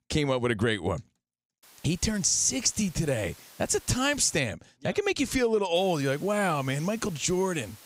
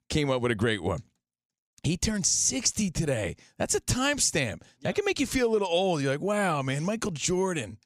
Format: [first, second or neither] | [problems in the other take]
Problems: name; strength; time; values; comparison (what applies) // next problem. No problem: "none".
second | hiss; faint; from 1.5 to 4.5 s and from 6 s on; 25 dB below the speech